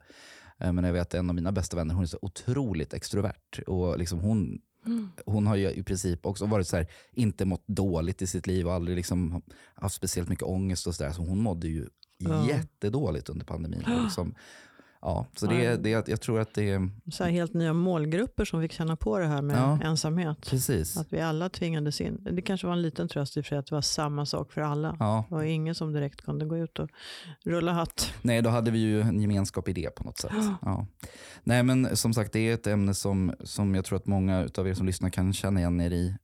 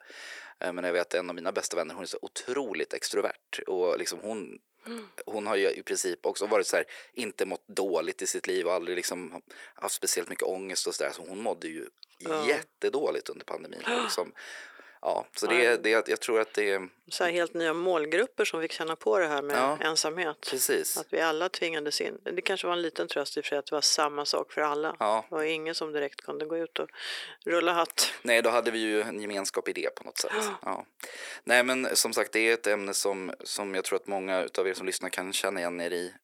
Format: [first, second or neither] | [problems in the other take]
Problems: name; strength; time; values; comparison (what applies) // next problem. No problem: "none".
first | thin; very; fading below 400 Hz